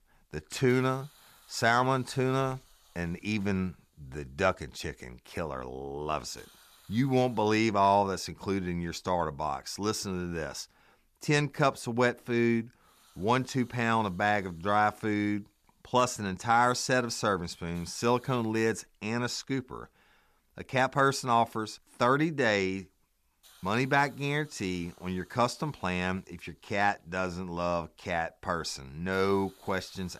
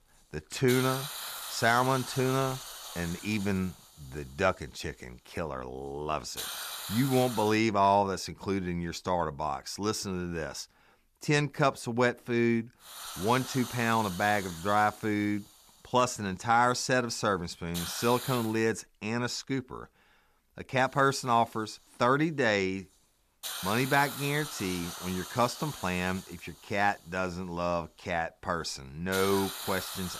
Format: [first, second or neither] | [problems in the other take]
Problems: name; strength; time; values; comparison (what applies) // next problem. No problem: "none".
first | hiss; loud; until 7.5 s, from 13 to 18 s and from 21 s on; 9 dB below the speech; faint in the first